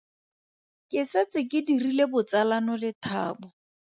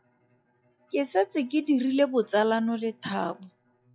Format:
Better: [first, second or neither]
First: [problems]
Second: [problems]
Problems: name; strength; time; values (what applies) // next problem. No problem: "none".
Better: first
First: none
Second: noise reduction (classical method log-MMSE)